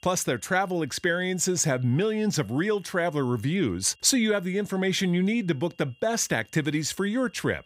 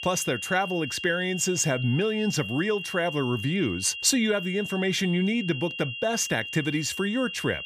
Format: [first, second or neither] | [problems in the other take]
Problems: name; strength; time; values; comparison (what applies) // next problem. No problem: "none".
first | high-pitched whine; loud; throughout; 3 kHz, 7 dB below the speech; faint in the first